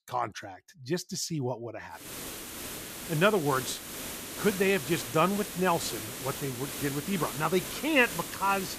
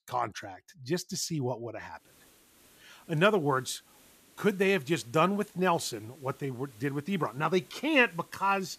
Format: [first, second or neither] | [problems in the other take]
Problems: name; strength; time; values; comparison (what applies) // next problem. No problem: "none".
second | hiss; loud; from 2 s on; 8 dB below the speech; faint in the second